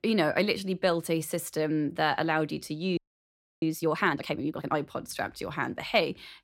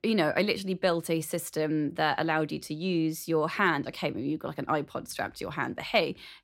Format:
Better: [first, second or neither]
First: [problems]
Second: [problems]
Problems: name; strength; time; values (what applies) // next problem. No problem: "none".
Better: second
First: audio freezing; at 3 s for 0.5 s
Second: none